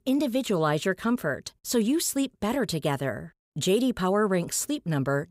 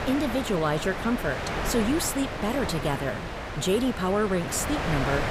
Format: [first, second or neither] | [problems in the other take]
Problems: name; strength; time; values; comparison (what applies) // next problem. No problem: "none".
first | wind noise on the microphone; heavy; 3 dB below the speech